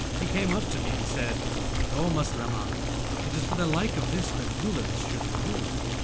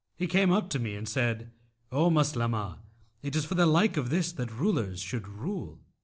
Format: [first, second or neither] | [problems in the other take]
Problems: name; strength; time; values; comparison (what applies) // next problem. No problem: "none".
second | background sound (Boiling); 3 dB above the speech